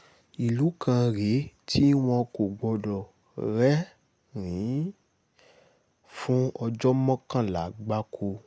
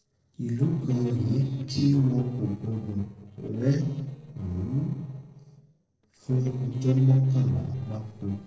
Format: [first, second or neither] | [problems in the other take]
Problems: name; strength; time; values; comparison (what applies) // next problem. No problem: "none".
first | noise reduction (neural separator model SepFormer DNS4)